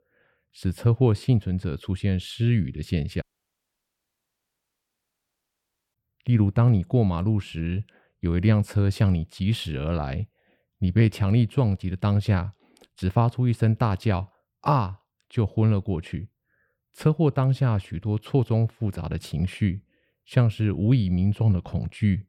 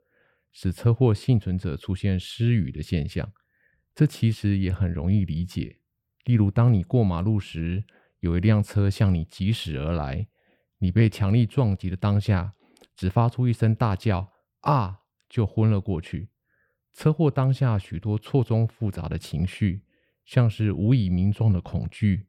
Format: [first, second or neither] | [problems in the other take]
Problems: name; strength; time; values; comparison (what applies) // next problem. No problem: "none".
second | audio cutting out; at 3 s for 2.5 s